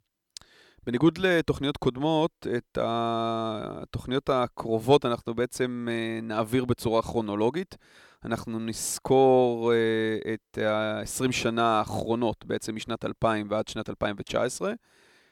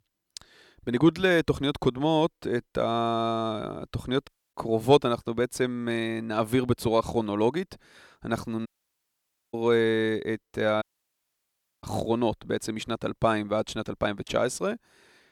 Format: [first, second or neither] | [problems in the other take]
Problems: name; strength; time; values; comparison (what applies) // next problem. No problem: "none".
first | audio cutting out; at 4.5 s, at 8.5 s for 1 s and at 11 s for 1 s